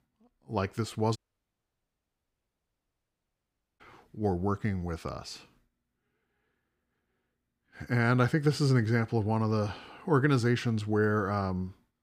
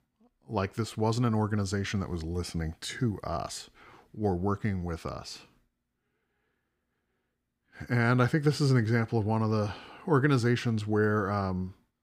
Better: second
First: audio cutting out; at 1 s for 2.5 s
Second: none

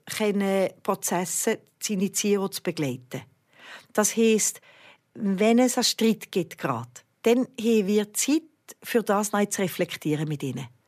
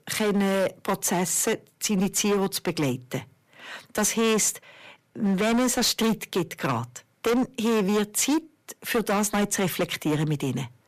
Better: first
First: none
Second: distortion; heavy; 15% of the sound clipped

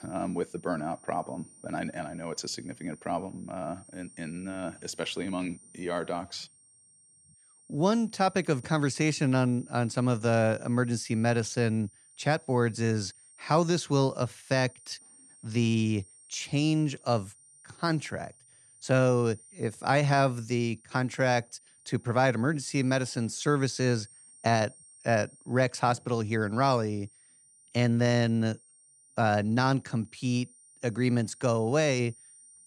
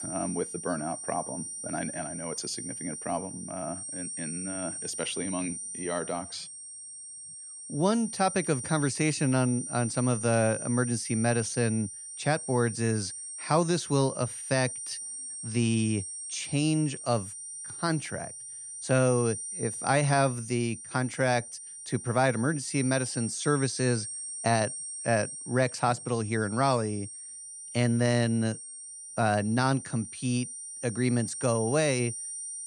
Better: first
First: high-pitched whine; faint; throughout; 9 kHz, 25 dB below the speech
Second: high-pitched whine; loud; throughout; 9 kHz, 7 dB below the speech

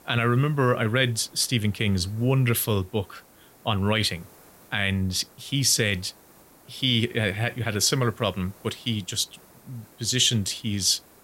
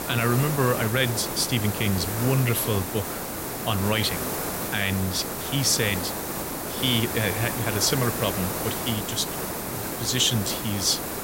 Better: first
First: hiss; faint; throughout; 25 dB below the speech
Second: hiss; loud; throughout; 4 dB below the speech

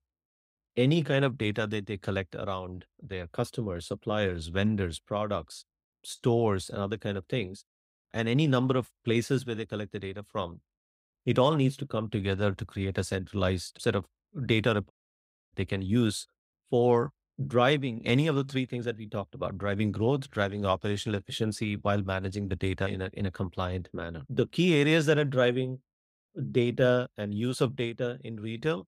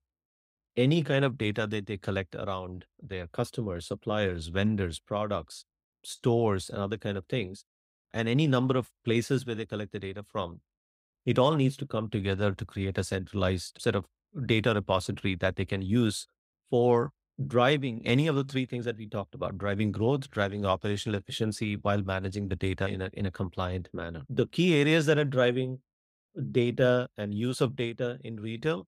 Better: second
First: audio cutting out; at 15 s for 0.5 s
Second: none

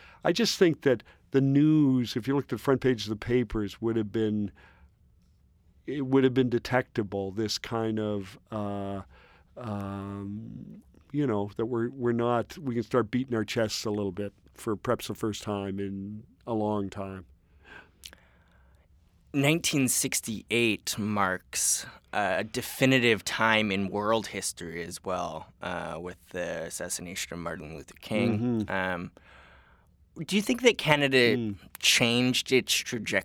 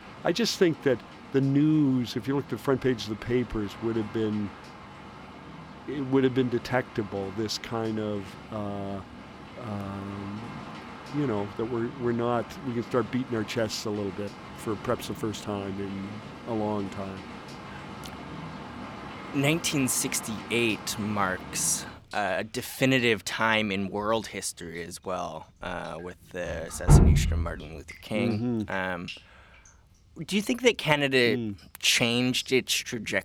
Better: first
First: none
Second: rain or running water; loud; throughout; 7 dB below the speech

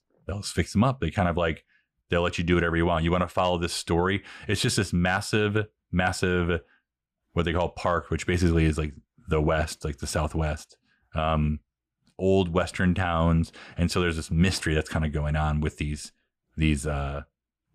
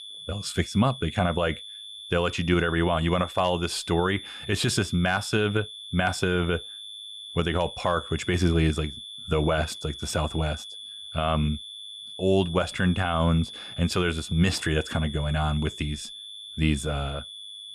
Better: first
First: none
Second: high-pitched whine; noticeable; throughout; 3.5 kHz, 10 dB below the speech

